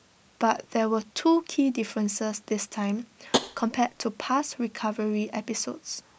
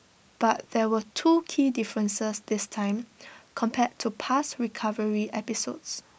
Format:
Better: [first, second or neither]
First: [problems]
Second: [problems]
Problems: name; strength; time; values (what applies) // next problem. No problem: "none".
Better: second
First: background sound (Tap); 5 dB below the speech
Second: none